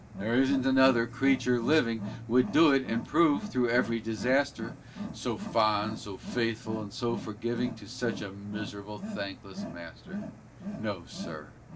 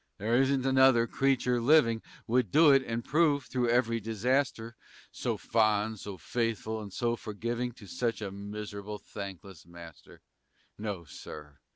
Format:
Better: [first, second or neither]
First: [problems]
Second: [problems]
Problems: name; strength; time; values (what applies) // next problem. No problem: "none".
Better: second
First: background sound (Wild animals); 10 dB below the speech // room echo; dies away in 0.2 s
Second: none